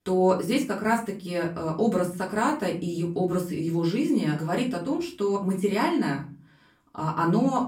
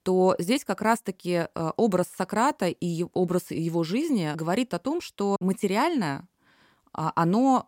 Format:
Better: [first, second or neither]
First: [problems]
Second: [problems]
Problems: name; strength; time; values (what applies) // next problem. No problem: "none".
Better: second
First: off-mic speech; far // room echo; very slight; dies away in 0.3 s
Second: none